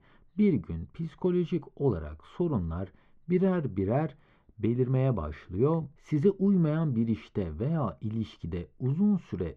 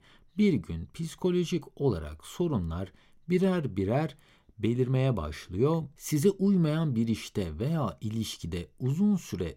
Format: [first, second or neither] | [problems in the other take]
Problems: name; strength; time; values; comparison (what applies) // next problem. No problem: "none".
second | muffled; very; fading above 2 kHz